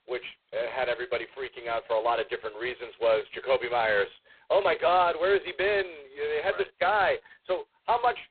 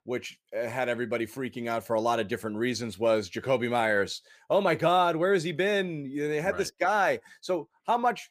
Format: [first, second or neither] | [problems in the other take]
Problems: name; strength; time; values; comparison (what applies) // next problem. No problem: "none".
second | phone-call audio; poor line; nothing above 4 kHz